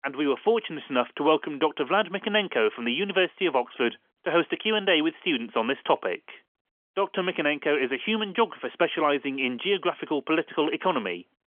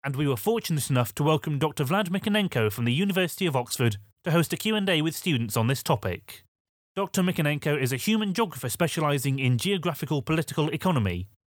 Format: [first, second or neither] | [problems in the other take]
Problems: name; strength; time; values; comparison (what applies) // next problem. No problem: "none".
second | phone-call audio; nothing above 3.5 kHz